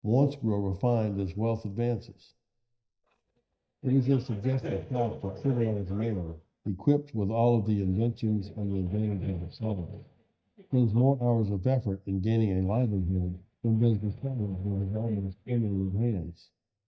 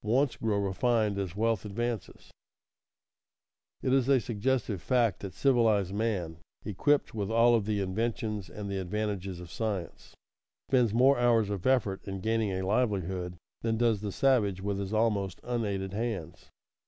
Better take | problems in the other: second | noise reduction (neural mask model DeepFilterNet 3)

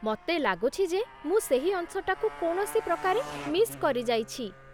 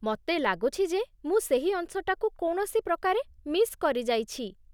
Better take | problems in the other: second | background sound (Motorcycle); 15 dB below the speech

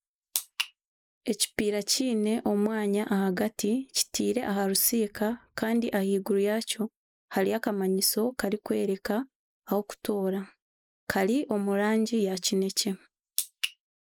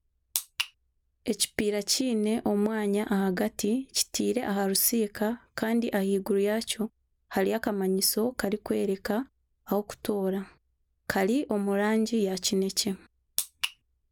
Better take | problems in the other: second | noise reduction (neural mask model Resemble Enhance denoiser)

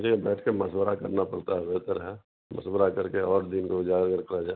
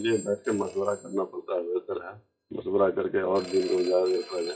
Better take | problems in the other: first | noise reduction (classical method WPE with log-MMSE)

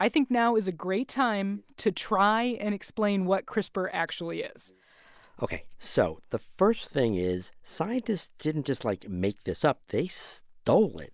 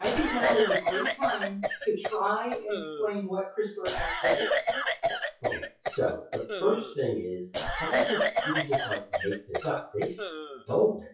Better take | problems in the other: first | noise reduction (classical method WPE with log-MMSE)

